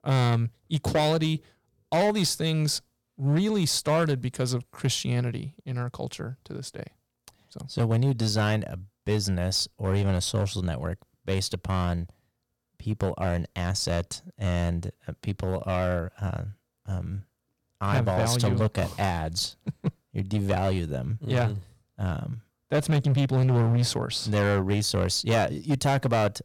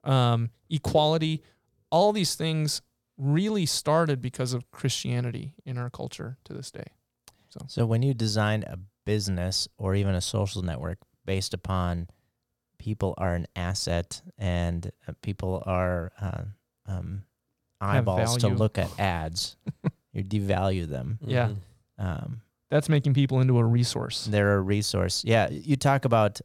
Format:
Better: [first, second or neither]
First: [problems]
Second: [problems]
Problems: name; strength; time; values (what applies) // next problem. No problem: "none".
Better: second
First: distortion; slight; 6% of the sound clipped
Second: none